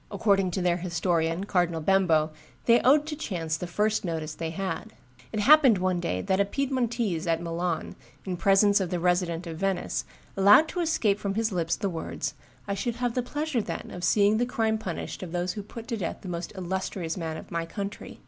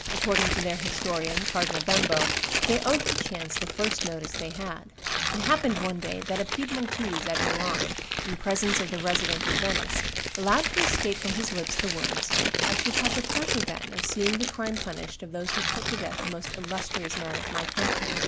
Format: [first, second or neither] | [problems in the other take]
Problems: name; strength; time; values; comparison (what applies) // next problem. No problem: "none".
first | background sound (Tearing); 2 dB above the speech